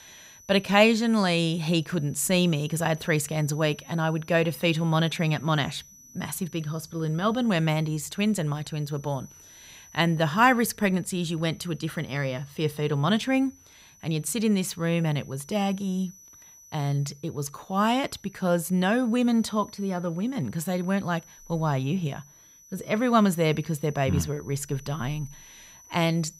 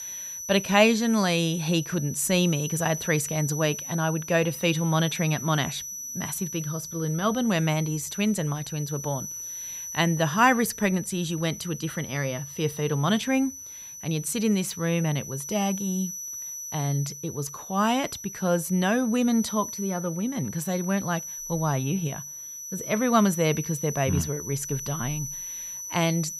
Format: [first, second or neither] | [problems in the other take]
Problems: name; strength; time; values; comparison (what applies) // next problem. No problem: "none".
first | high-pitched whine; loud; throughout; 6 kHz, 9 dB below the speech; faint in the first